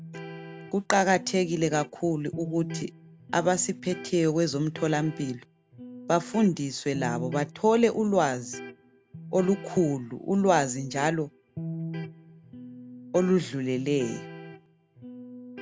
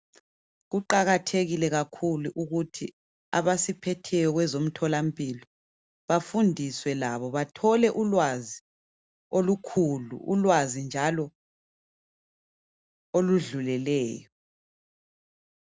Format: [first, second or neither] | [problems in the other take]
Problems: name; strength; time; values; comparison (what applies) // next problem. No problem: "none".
second | background sound (Electric guitar); 13 dB below the speech